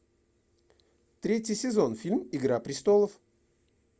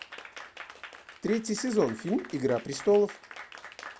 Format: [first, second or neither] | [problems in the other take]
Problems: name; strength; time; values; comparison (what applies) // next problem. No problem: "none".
first | background sound (Applause / Crowd); 15 dB below the speech